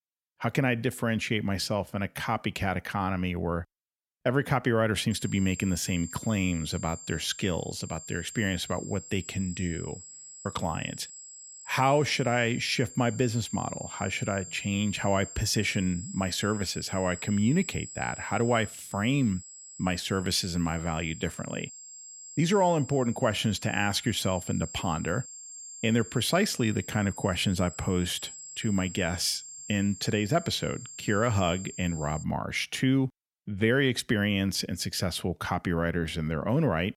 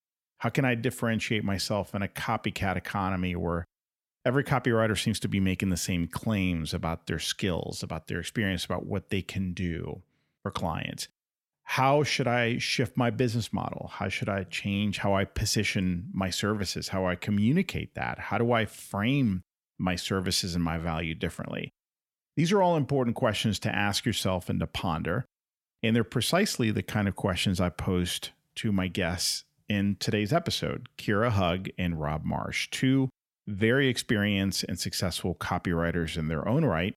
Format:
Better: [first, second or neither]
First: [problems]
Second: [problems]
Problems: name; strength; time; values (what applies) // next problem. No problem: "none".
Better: second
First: high-pitched whine; noticeable; from 5 to 32 s; 7.5 kHz, 15 dB below the speech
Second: none